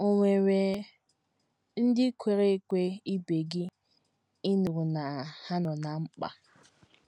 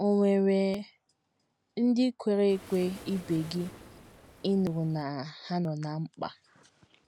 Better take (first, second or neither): first